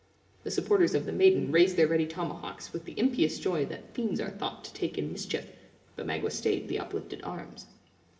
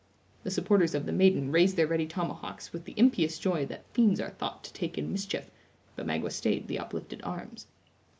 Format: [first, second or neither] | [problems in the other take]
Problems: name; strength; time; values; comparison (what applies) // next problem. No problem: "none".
second | room echo; dies away in 0.9 s